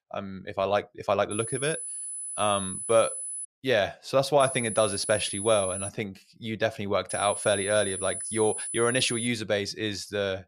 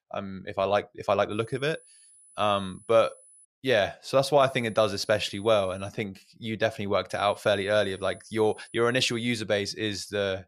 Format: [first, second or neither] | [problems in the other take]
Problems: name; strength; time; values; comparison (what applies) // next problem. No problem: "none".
second | high-pitched whine; loud; from 1.5 to 3.5 s, from 4.5 to 6 s and from 7 to 9.5 s; 10 kHz, 5 dB below the speech; faint in the second